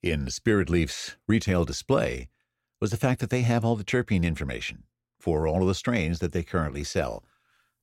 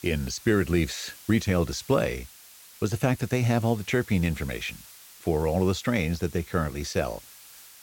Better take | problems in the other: first | hiss; noticeable; throughout; 20 dB below the speech

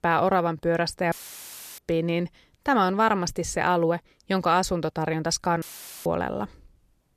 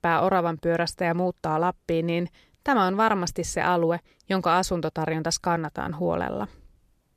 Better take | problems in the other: second | audio cutting out; filled with static; at 1 s for 0.5 s and at 5.5 s

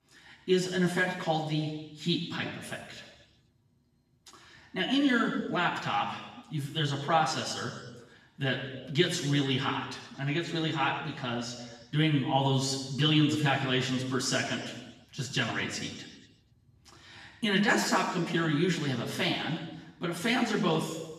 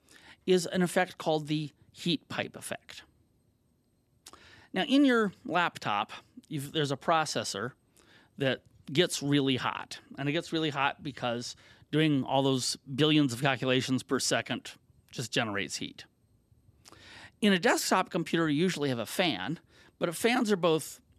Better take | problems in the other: second | room echo; noticeable; dies away in 1.1 s // off-mic speech; far

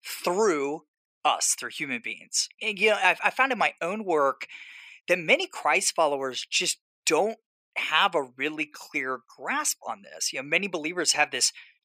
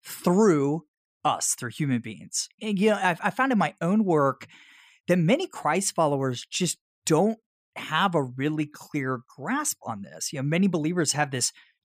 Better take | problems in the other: second | thin; somewhat; fading below 500 Hz

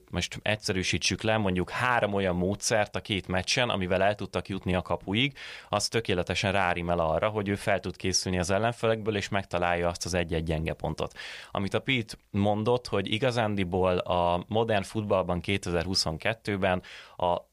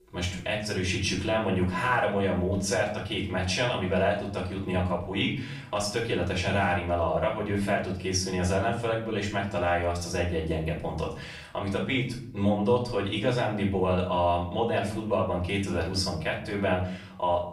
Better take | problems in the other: first | room echo; slight; dies away in 0.6 s // off-mic speech; far

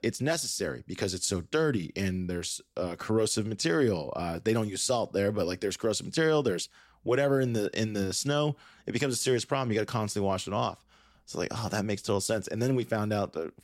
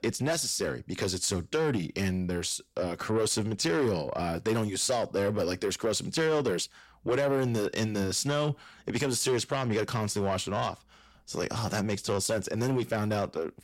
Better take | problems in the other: first | distortion; slight; 10 dB below the speech

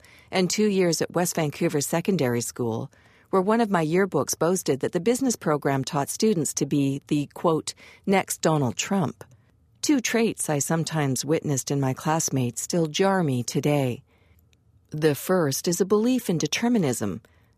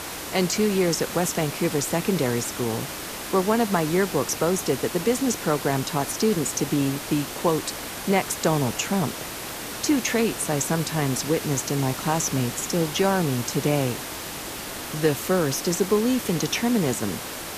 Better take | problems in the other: first | hiss; loud; throughout; 7 dB below the speech

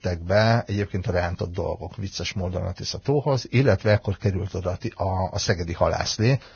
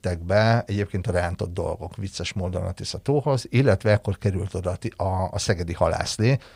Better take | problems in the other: second | garbled, watery; badly; nothing above 6.5 kHz

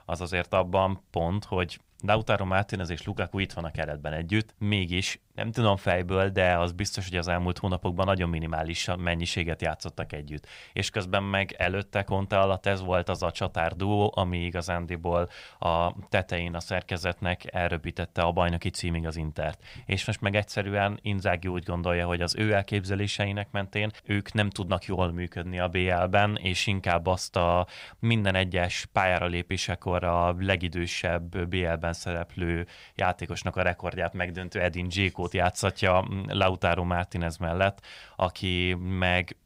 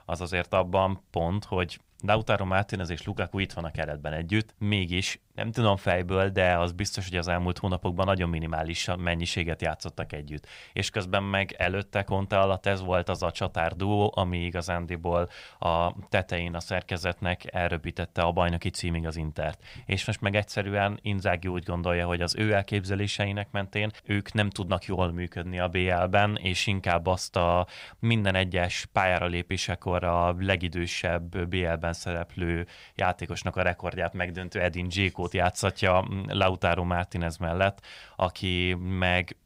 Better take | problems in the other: neither | none

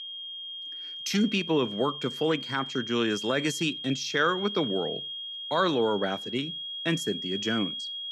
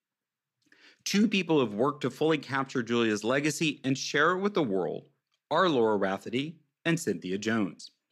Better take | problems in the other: second | high-pitched whine; loud; throughout; 3 kHz, 6 dB below the speech

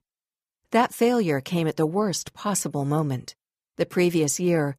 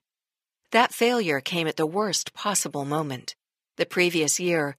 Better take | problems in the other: first | thin; very slightly; fading below 350 Hz

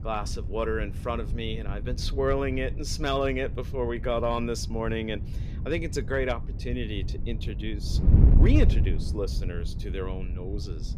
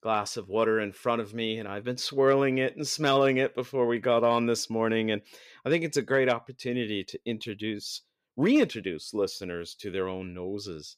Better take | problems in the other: second | wind noise on the microphone; occasional gusts; 10 dB below the speech

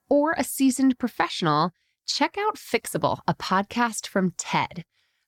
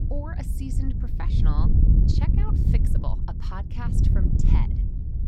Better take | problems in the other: first | wind noise on the microphone; heavy; 2 dB above the speech

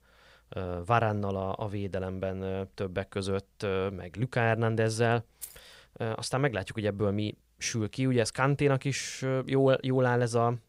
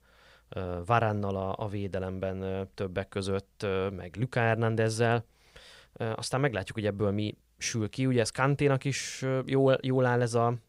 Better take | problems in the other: second | jangling keys; faint; at 5.5 s; peak 15 dB below the speech

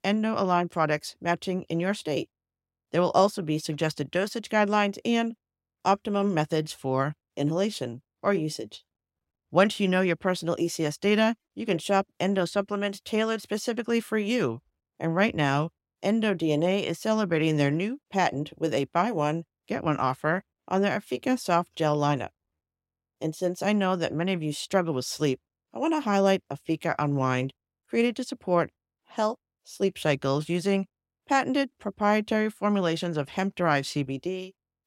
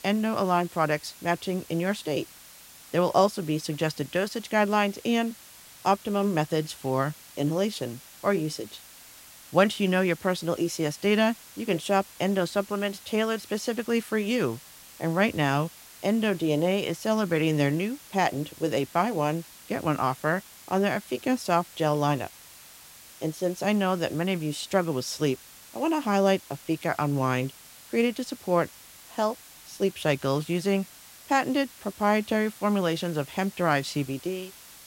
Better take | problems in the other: first | hiss; noticeable; throughout; 20 dB below the speech

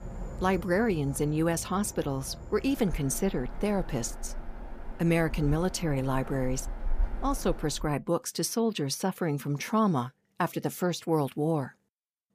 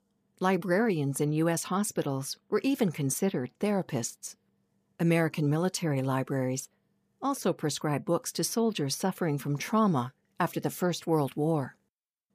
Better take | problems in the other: second | animal sounds; noticeable; until 7.5 s; 10 dB below the speech

